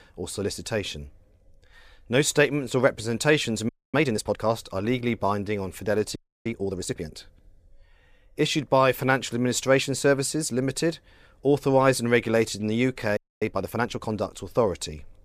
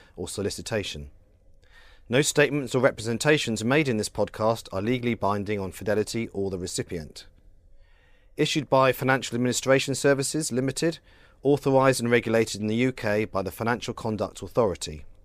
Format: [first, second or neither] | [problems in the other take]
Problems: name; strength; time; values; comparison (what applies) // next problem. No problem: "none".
second | audio freezing; at 3.5 s, at 6 s and at 13 s